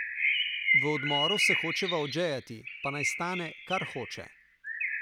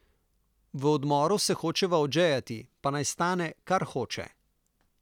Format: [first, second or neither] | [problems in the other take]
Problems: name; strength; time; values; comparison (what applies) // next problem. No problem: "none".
second | background sound (Bird); 3 dB above the speech